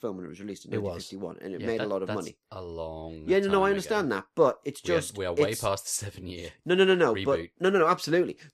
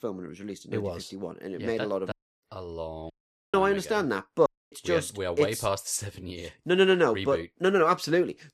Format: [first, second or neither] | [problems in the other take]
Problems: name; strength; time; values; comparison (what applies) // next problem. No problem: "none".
first | audio cutting out; at 2 s, at 3 s and at 4.5 s